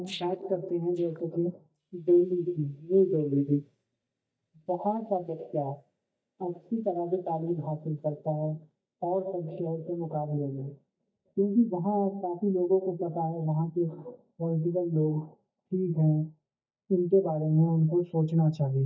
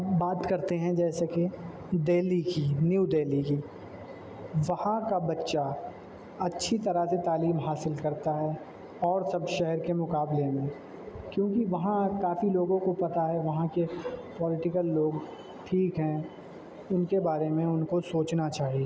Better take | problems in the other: second | noise reduction (neural mask model DeepFilterNet 3)

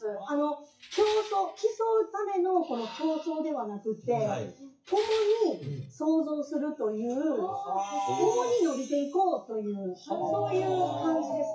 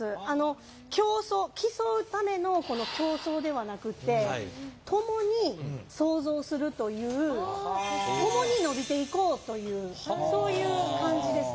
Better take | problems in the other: second | noise reduction (classical method WPE with log-MMSE)

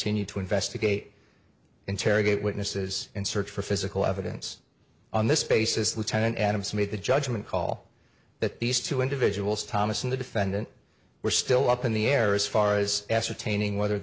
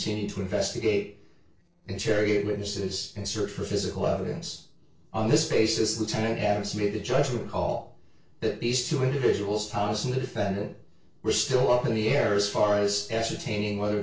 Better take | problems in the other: first | noise reduction (neural separator model SepFormer DNS4)

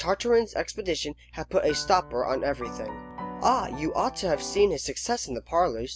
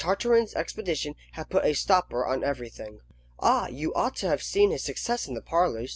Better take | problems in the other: second | background sound (Piano); 12 dB below the speech

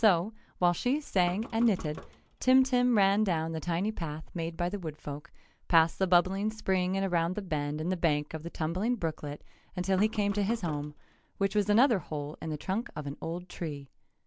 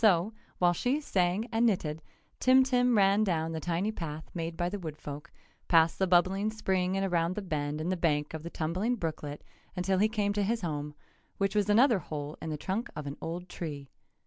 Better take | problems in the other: second | background sound (Knock); 20 dB below the speech

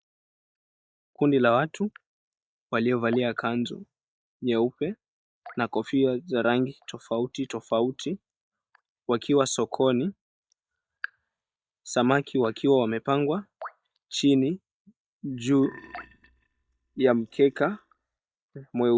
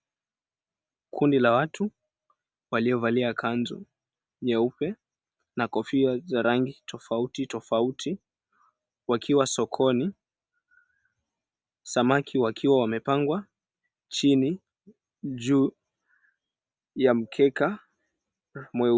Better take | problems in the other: second | noise reduction (neural mask model DeepFilterNet 3)

